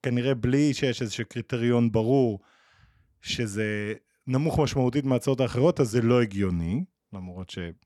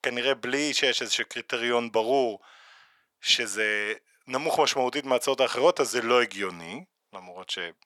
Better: first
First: none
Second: thin; very; fading below 750 Hz

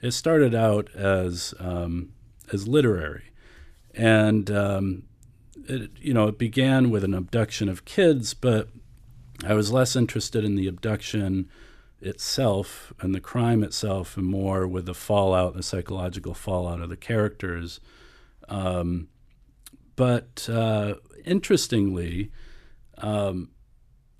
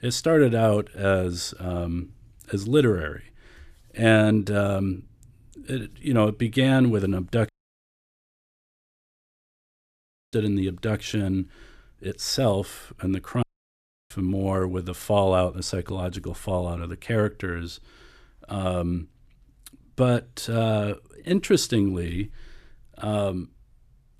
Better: first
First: none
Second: audio cutting out; at 7.5 s for 3 s and at 13 s for 0.5 s

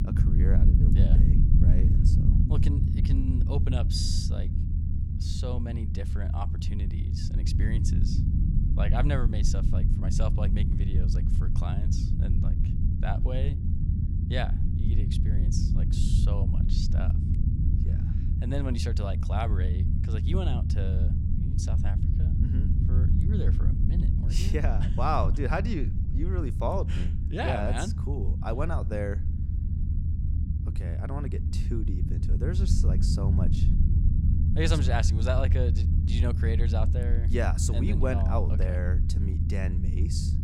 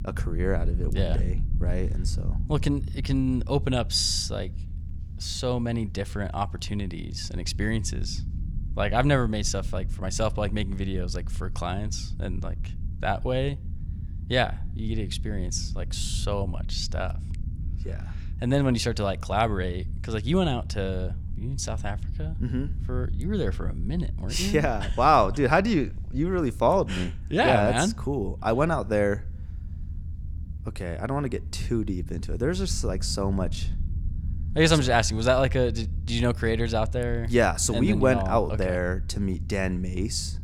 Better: second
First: low rumble; loud; throughout; 5 dB below the speech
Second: low rumble; faint; throughout; 20 dB below the speech

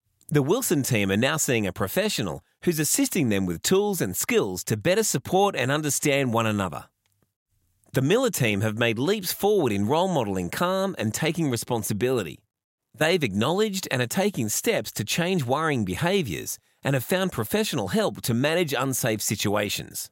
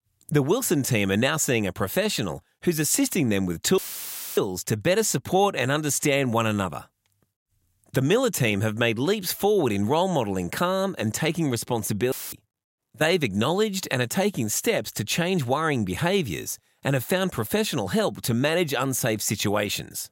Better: first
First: none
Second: audio cutting out; filled with static; at 4 s for 0.5 s and at 12 s

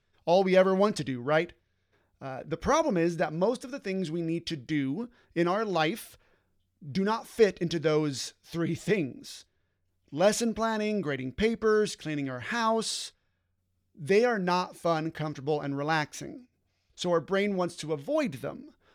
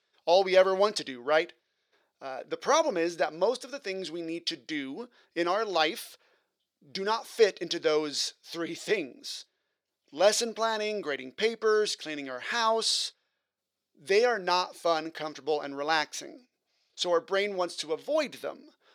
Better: first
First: none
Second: thin; somewhat; fading below 450 Hz

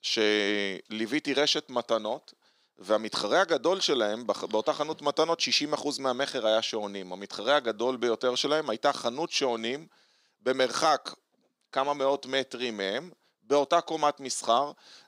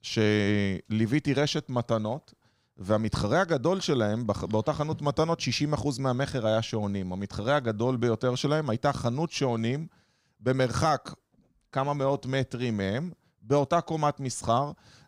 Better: second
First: thin; somewhat; fading below 300 Hz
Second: none

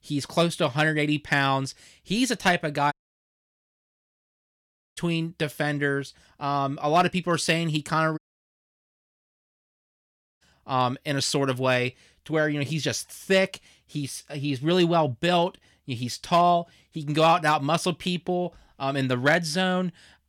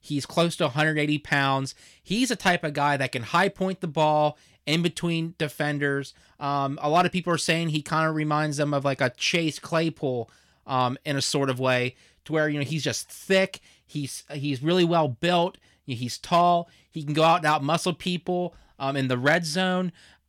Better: second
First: audio cutting out; at 3 s for 2 s and at 8 s for 2 s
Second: none

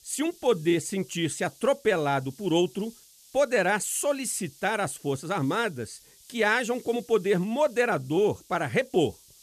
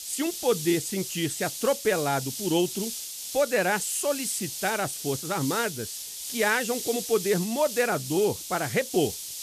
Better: first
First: hiss; faint; throughout; 25 dB below the speech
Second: hiss; loud; throughout; 6 dB below the speech

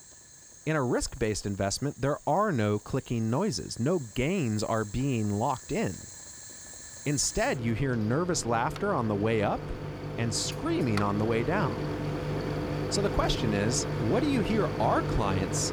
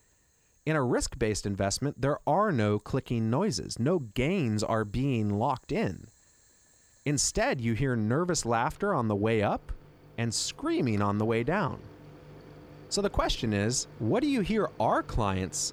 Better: second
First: household noises; loud; throughout; 6 dB below the speech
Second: household noises; faint; throughout; 25 dB below the speech

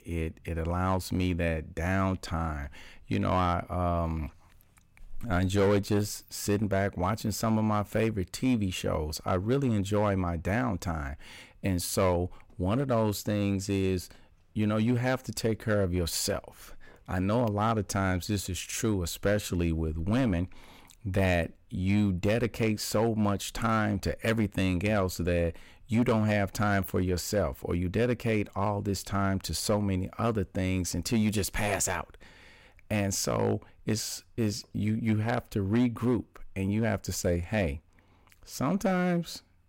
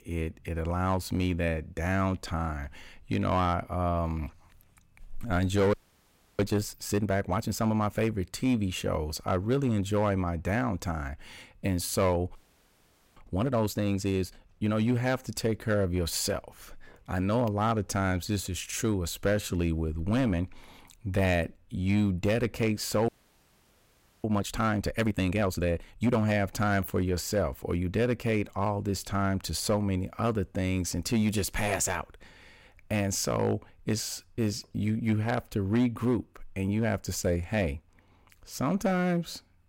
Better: first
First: none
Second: audio freezing; at 5.5 s for 0.5 s, at 12 s for 1 s and at 23 s for 1 s

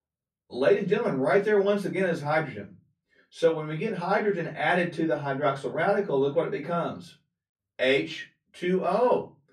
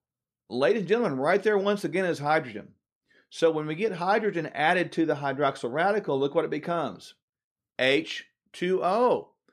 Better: second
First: off-mic speech; far // room echo; very slight; dies away in 0.2 s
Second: none

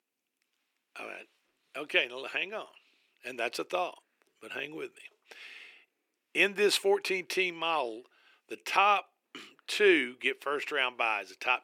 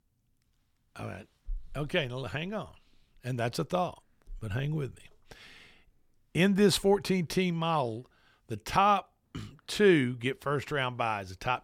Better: second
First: thin; very; fading below 350 Hz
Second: none

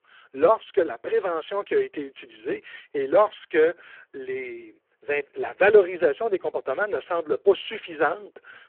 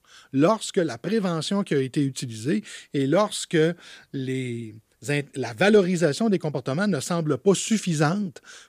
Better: second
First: phone-call audio; poor line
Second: none

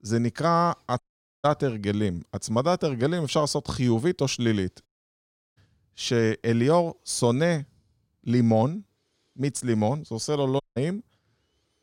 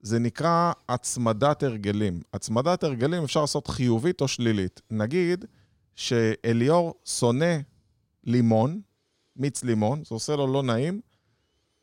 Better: second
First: audio cutting out; at 1 s, at 5 s for 0.5 s and at 11 s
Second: none

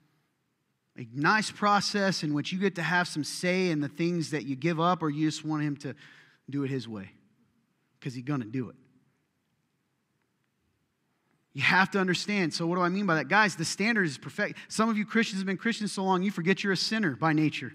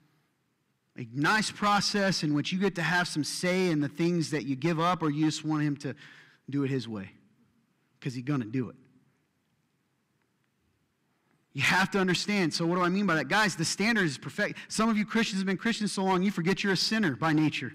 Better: first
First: none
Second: distortion; slight; 4% of the sound clipped

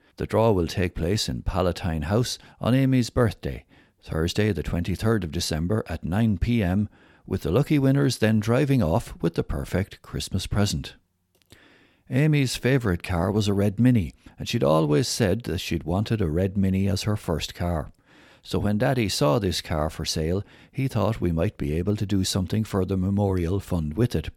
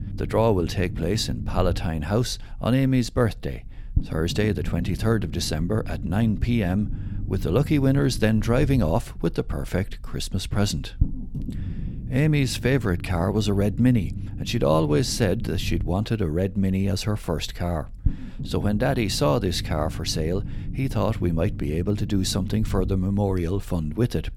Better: first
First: none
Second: low rumble; noticeable; throughout; 15 dB below the speech

